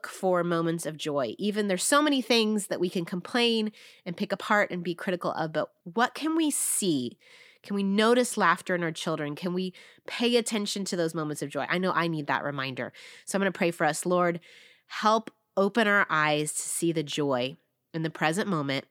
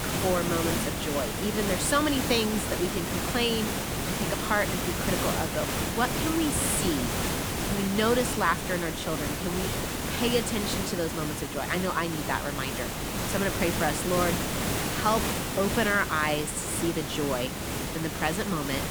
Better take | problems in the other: first | hiss; loud; throughout; 1 dB below the speech

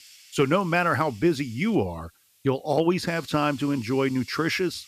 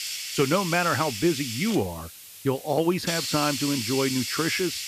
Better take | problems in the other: first | hiss; loud; throughout; 4 dB below the speech; faint in the first

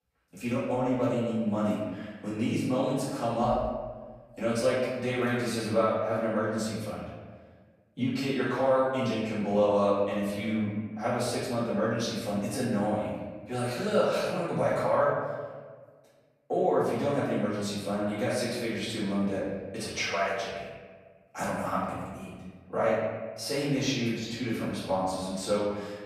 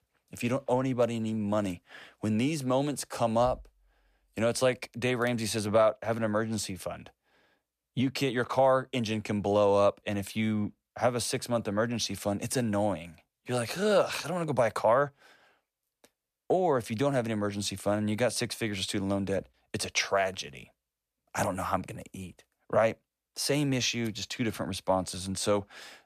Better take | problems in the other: second | off-mic speech; far // room echo; strong; dies away in 1.3 s

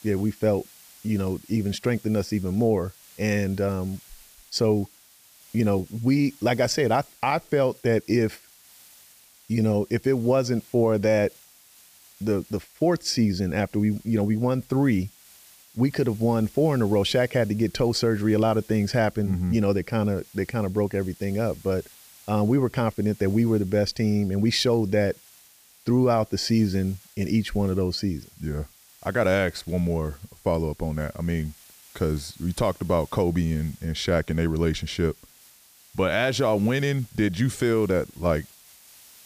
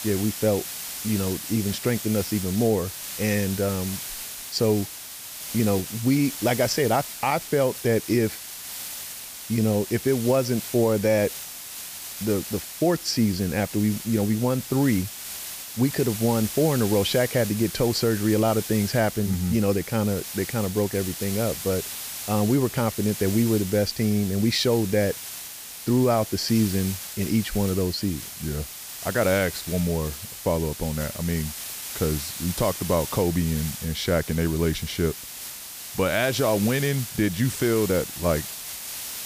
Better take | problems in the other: first | hiss; loud; throughout; 8 dB below the speech; faint in the first

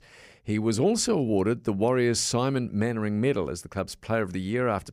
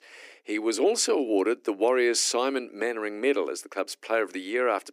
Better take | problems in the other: first | thin; somewhat; fading below 300 Hz

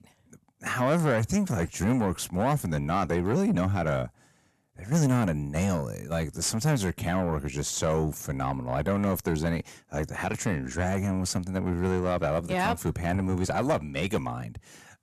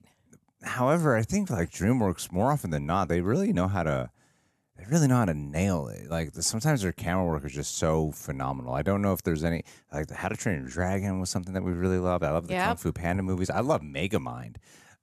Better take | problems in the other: second | distortion; slight; 9 dB below the speech

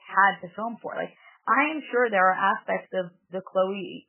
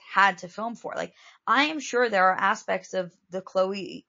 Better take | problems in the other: second | garbled, watery; badly; nothing above 3 kHz; slightly in the second

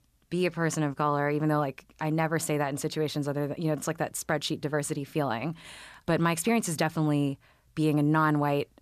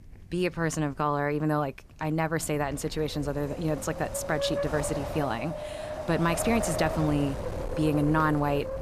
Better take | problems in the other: first | wind noise on the microphone; heavy; 4 dB below the speech

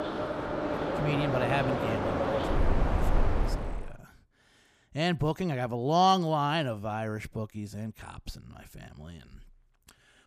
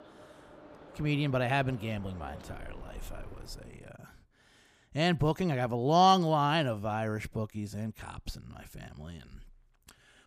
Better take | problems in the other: second | train or aircraft noise; loud; until 3.5 s; 1 dB below the speech; faint in the second

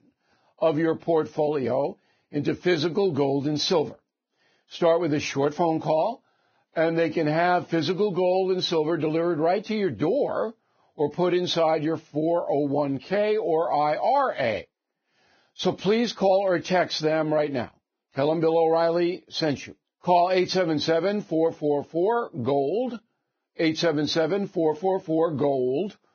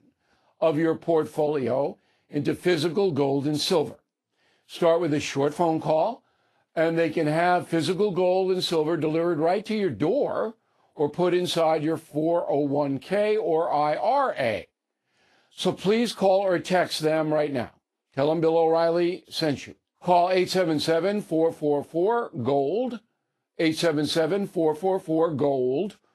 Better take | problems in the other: second | garbled, watery; badly; nothing above 6.5 kHz; slightly in the second

